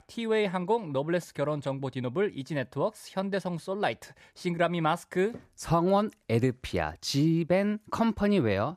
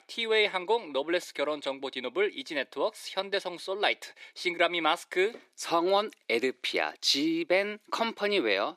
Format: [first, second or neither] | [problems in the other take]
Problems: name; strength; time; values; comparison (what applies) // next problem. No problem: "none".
first | thin; somewhat; fading below 350 Hz